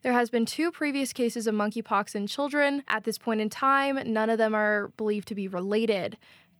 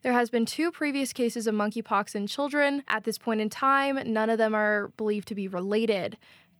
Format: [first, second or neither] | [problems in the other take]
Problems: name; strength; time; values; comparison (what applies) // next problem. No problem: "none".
neither | none